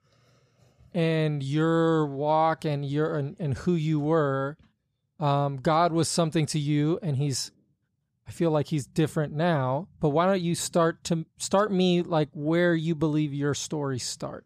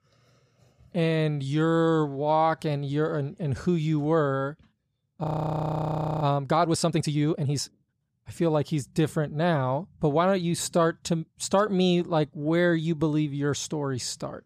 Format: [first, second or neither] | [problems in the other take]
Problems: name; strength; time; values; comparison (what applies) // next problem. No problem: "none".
first | audio freezing; at 5 s for 1 s